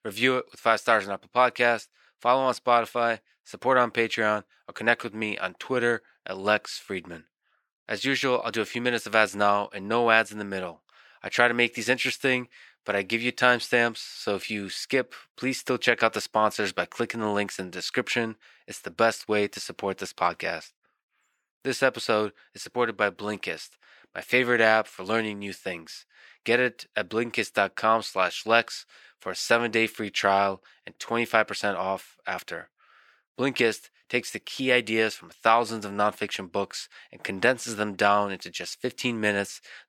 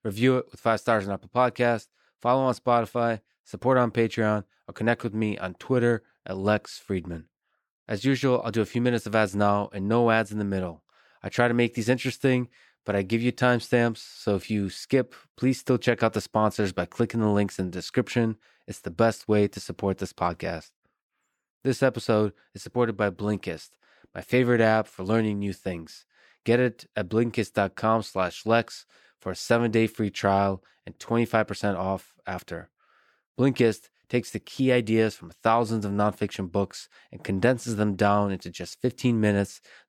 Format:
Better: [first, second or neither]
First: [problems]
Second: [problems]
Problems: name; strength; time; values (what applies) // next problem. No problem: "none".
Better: second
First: thin; somewhat; fading below 650 Hz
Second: none